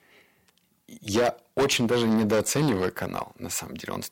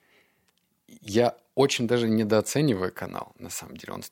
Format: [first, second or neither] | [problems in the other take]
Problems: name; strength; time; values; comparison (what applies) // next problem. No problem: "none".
second | distortion; heavy; 8% of the sound clipped